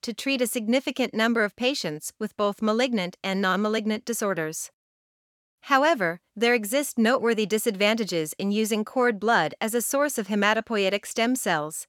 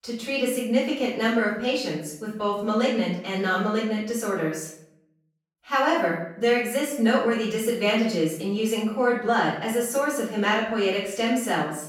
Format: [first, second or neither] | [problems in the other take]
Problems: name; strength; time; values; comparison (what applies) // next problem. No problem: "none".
first | off-mic speech; far // room echo; noticeable; dies away in 0.6 s